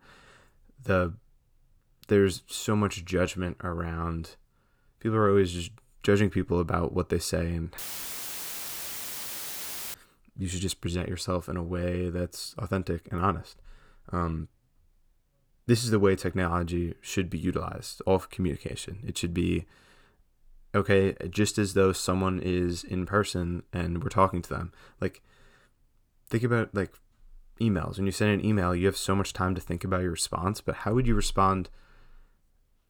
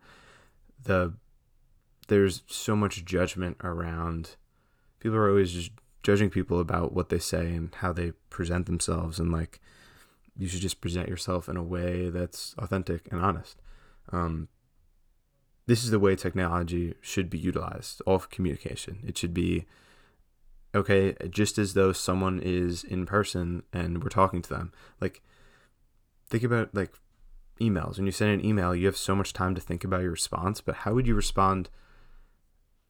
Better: second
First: audio cutting out; filled with static; at 8 s for 2 s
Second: none

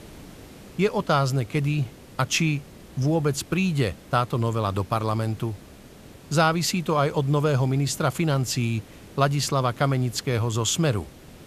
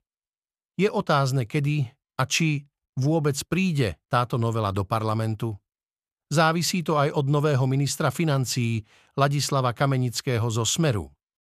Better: second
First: hiss; faint; throughout; 20 dB below the speech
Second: none

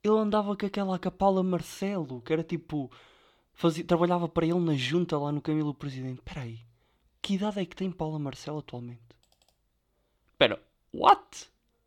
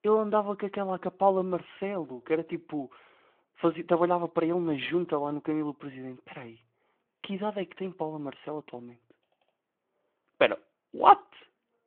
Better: first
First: none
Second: phone-call audio

